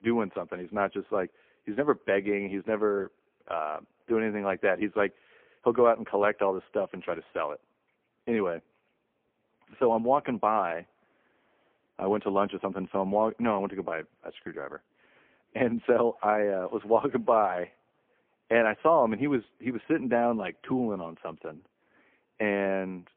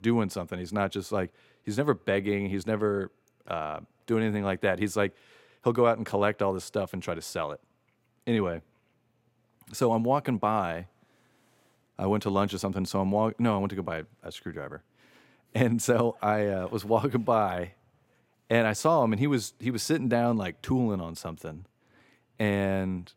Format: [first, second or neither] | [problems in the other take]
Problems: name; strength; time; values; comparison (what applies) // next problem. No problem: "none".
second | phone-call audio; poor line